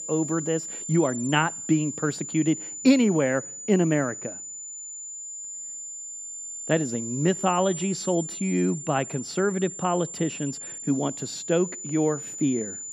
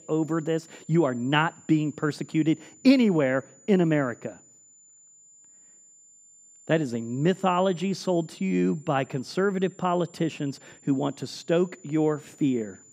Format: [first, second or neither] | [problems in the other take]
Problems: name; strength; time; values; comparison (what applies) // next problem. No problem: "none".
second | high-pitched whine; loud; throughout; 7 kHz, 8 dB below the speech; faint in the second